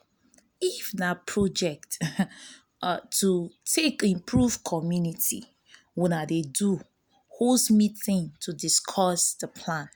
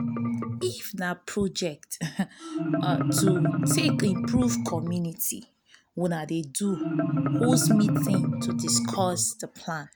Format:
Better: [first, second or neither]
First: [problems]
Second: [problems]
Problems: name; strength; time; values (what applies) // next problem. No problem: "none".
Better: first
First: none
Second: background sound (Marimba, xylophone); as loud as the speech